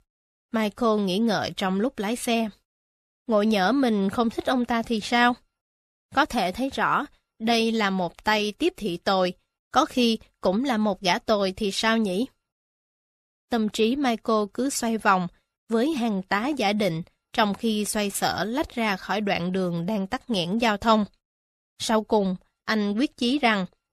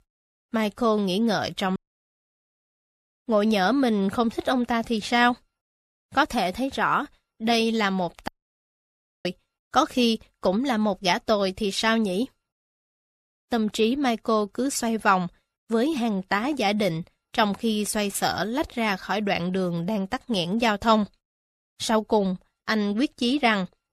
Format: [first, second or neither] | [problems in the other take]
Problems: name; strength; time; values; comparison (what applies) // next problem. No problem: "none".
first | audio cutting out; at 2 s for 1 s and at 8.5 s for 1 s